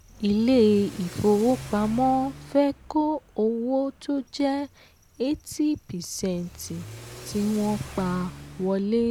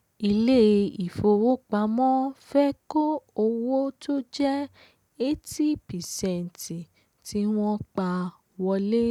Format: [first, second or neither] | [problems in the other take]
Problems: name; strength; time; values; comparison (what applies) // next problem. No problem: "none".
second | background sound (Accelerating, revving, vroom / Car); 17 dB below the speech